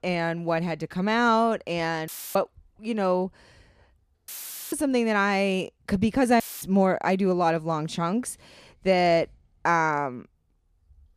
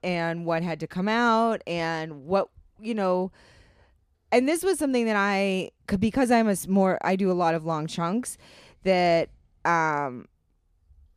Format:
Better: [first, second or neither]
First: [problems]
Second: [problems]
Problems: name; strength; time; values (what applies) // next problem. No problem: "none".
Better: second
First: audio cutting out; filled with static; at 2 s, at 4.5 s and at 6.5 s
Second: none